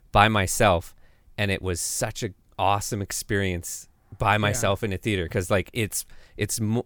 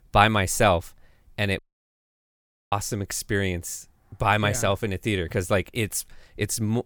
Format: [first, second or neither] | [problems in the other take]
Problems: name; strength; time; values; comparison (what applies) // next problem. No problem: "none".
first | audio cutting out; at 1.5 s for 1 s